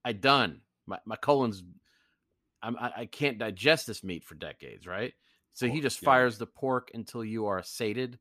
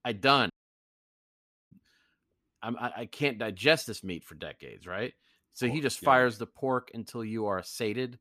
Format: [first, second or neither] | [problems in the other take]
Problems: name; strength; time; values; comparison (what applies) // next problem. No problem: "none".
first | audio cutting out; at 0.5 s for 1 s